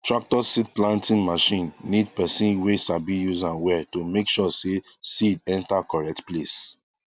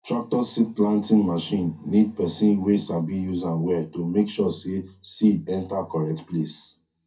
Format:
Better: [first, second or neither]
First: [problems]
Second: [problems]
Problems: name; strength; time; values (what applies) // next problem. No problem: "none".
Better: first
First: none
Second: room echo; dies away in 0.3 s